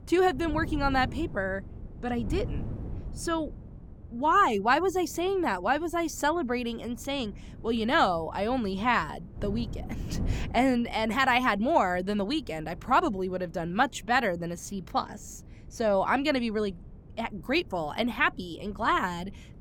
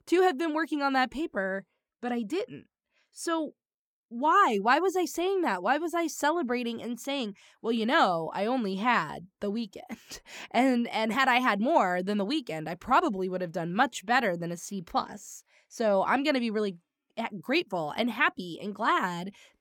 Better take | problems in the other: second | wind noise on the microphone; occasional gusts; 25 dB below the speech

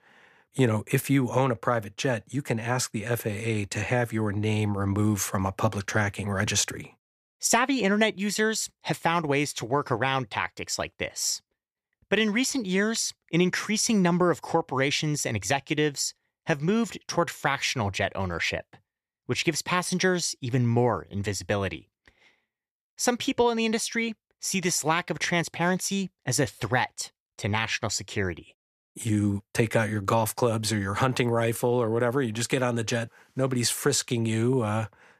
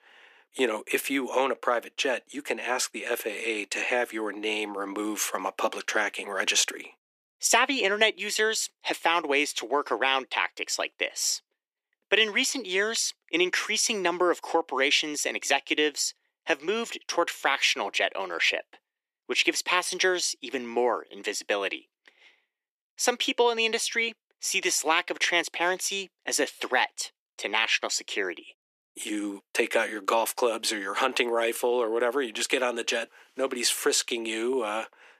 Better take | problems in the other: first | thin; somewhat; fading below 300 Hz

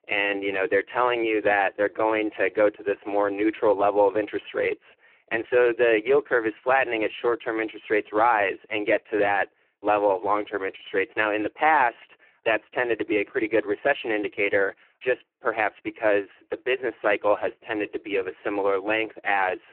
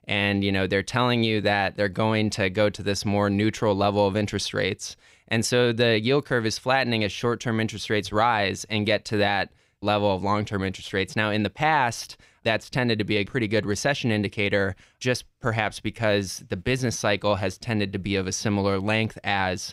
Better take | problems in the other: second | phone-call audio; poor line

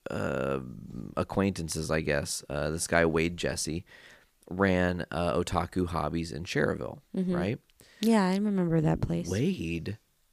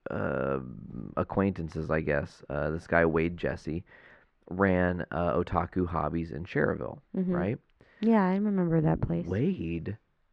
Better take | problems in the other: first | muffled; very; fading above 1.5 kHz

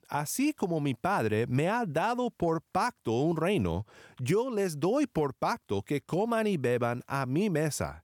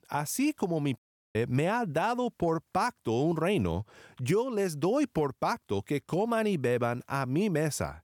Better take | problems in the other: first | audio cutting out; at 1 s

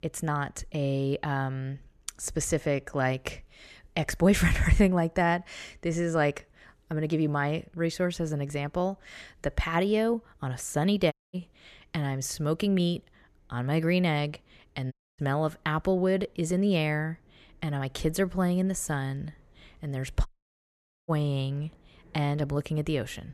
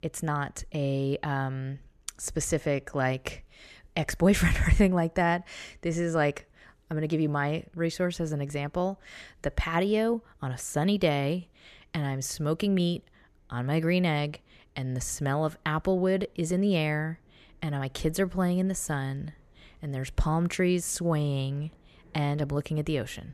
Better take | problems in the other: second | audio cutting out; at 11 s, at 15 s and at 20 s for 1 s

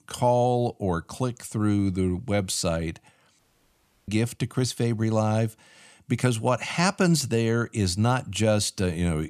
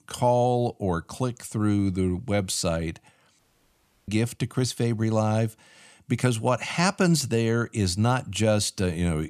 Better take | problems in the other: neither | audio cutting out; at 3.5 s for 0.5 s; the same in both

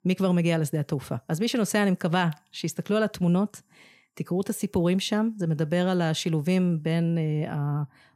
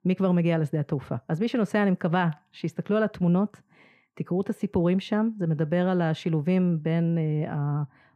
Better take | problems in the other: first | muffled; slightly; fading above 3.5 kHz

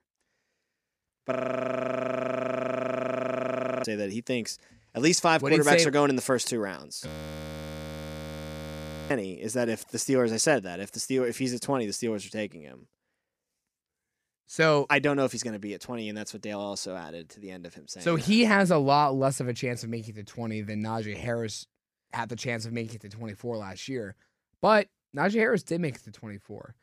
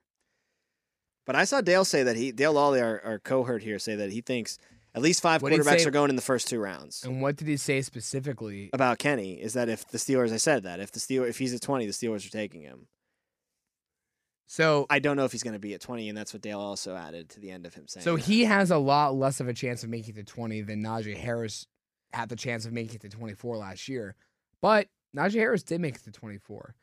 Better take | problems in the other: second | audio freezing; at 1.5 s for 2.5 s and at 7 s for 2 s

